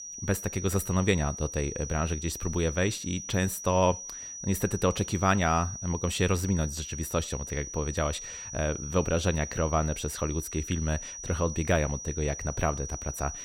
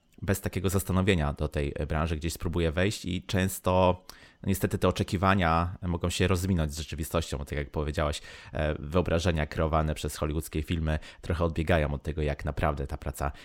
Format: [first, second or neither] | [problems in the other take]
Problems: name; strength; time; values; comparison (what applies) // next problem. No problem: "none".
second | high-pitched whine; loud; throughout; 6 kHz, 8 dB below the speech